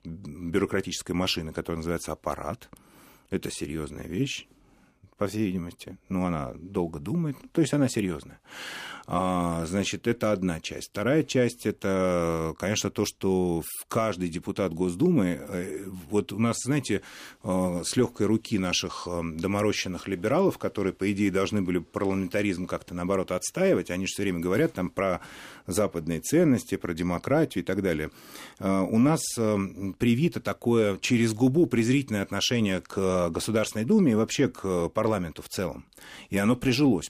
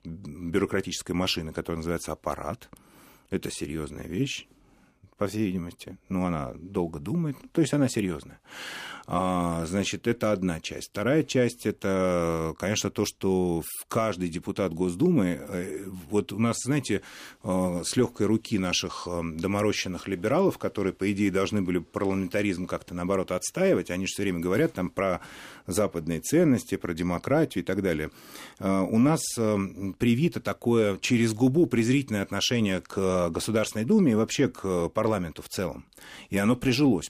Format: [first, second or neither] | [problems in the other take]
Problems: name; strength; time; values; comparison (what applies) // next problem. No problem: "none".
neither | none